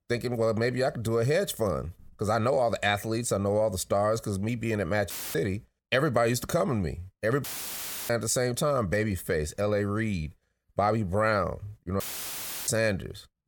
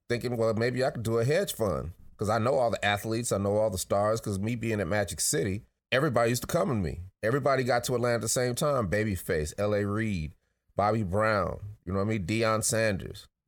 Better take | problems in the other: second | audio cutting out; filled with static; at 5 s, at 7.5 s for 0.5 s and at 12 s for 0.5 s

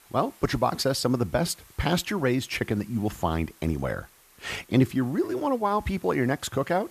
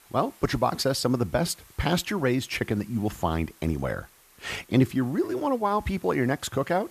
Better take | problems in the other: neither | hiss; faint; throughout; 25 dB below the speech; the same in both

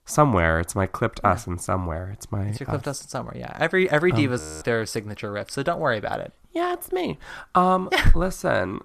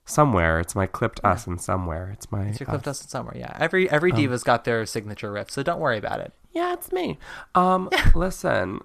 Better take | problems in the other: second | audio freezing; at 4.5 s

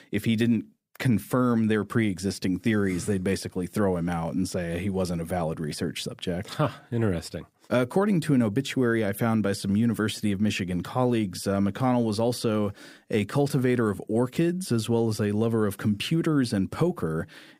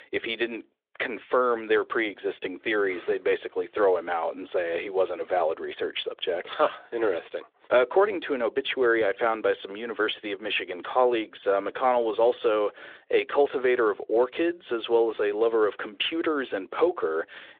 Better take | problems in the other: first | phone-call audio; nothing above 3.5 kHz

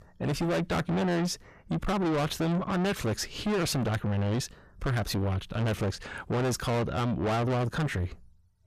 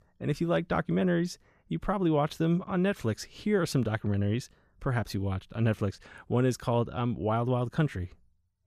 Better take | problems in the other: second | distortion; heavy; 5 dB below the speech

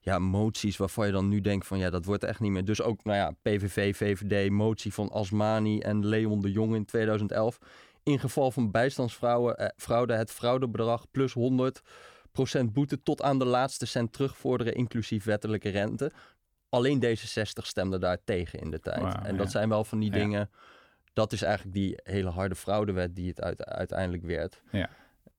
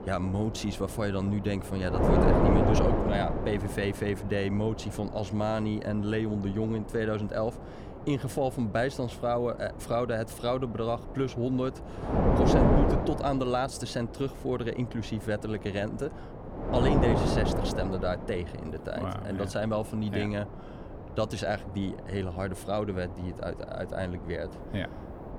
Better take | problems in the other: first | wind noise on the microphone; heavy; as loud as the speech

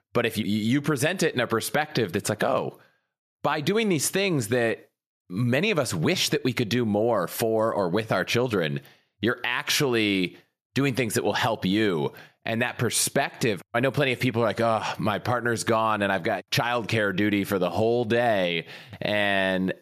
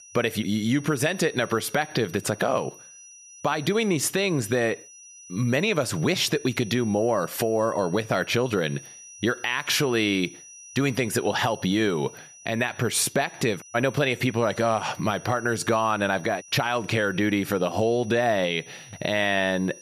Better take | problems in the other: first | high-pitched whine; noticeable; throughout; 6 kHz, 20 dB below the speech

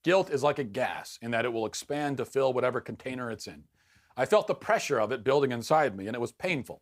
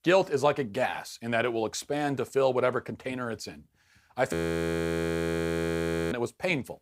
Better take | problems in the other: first | audio freezing; at 4.5 s for 2 s

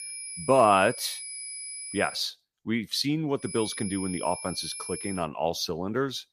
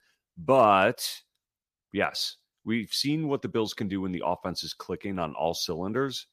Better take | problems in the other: second | high-pitched whine; loud; until 2 s and from 3.5 to 5 s; 10 kHz, 9 dB below the speech

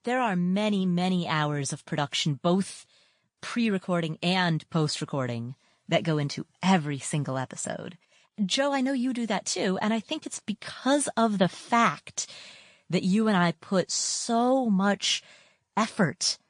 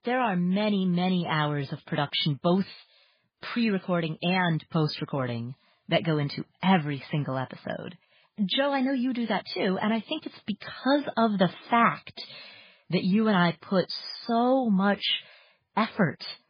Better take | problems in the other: first | garbled, watery; badly; nothing above 5 kHz; slightly in the first

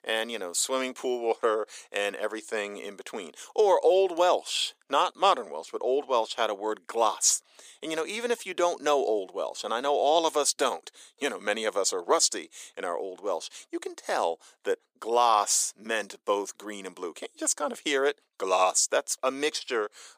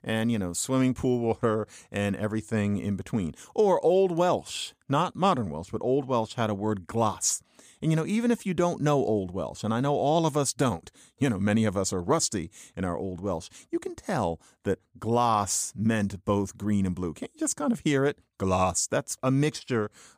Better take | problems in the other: second | thin; very; fading below 400 Hz

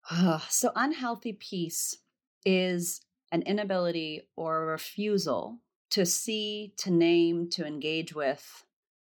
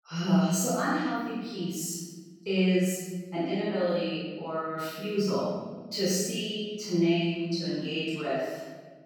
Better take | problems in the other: first | off-mic speech; far // room echo; strong; dies away in 1.4 s

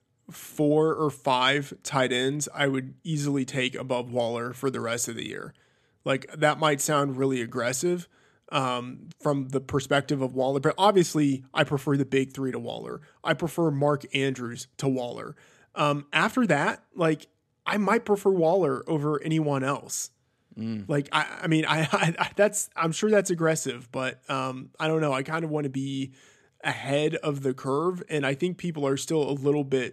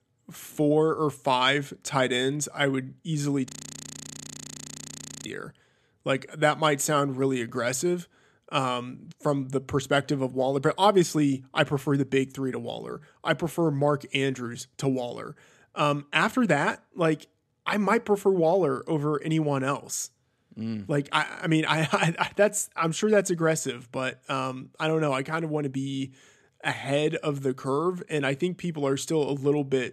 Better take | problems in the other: first | audio freezing; at 3.5 s for 2 s

